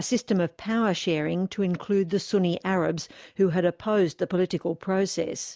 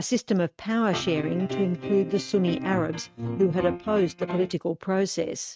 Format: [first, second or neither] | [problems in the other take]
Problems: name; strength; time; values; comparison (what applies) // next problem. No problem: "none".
first | noise reduction (neural mask model RNNoise)